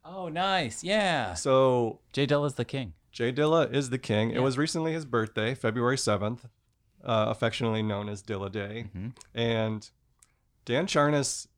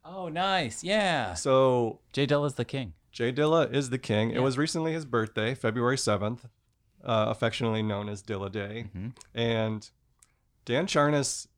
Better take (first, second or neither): neither